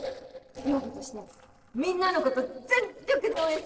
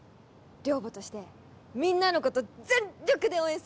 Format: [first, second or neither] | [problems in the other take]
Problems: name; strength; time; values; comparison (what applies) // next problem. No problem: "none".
second | noise reduction (neural separator model SepFormer DNS4)